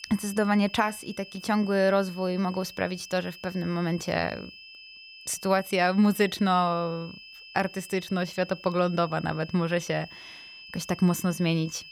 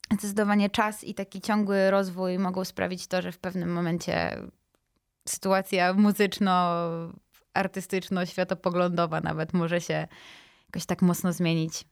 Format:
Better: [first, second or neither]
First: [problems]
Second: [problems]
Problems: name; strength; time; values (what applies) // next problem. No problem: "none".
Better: second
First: high-pitched whine; noticeable; throughout; 2.5 kHz, 15 dB below the speech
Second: none